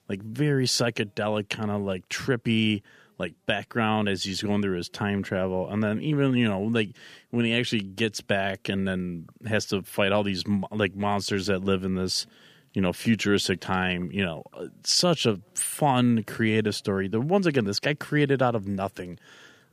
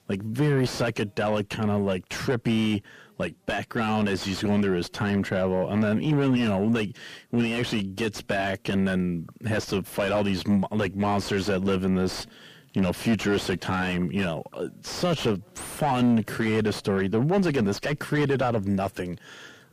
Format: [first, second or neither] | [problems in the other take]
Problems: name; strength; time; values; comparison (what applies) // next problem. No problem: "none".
first | distortion; heavy; 6 dB below the speech